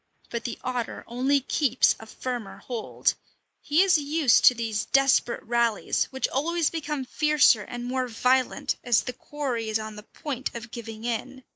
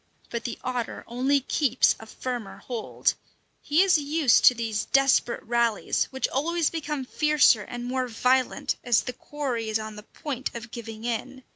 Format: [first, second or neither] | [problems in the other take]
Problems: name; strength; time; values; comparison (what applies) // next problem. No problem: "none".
second | noise reduction (neural mask model Resemble Enhance denoiser)